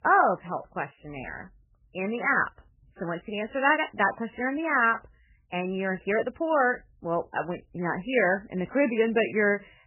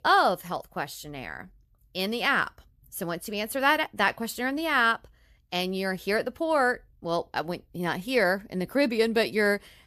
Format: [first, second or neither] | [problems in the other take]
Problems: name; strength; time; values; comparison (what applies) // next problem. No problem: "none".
second | garbled, watery; badly; nothing above 3 kHz